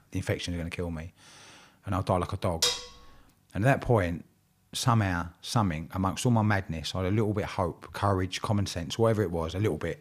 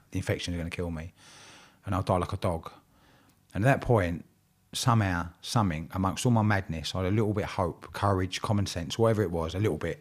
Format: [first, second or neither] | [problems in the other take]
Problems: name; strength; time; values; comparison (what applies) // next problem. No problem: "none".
second | clattering dishes; loud; at 2.5 s; peak 2 dB above the speech